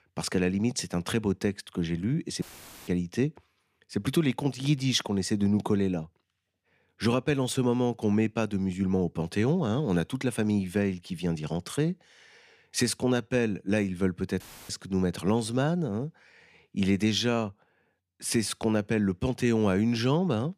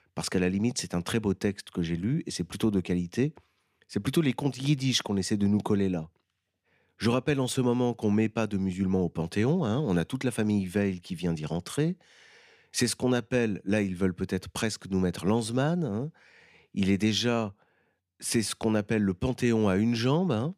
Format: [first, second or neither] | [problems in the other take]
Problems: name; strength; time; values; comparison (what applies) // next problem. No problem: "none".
second | audio cutting out; filled with static; at 2.5 s and at 14 s